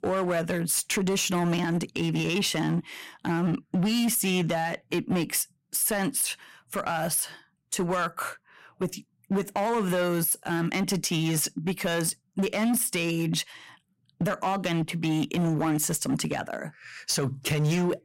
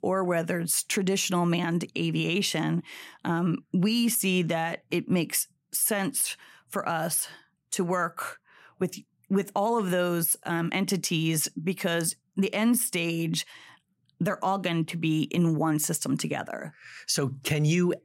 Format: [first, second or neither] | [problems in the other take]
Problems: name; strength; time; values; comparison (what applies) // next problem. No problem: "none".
second | distortion; slight; 12% of the sound clipped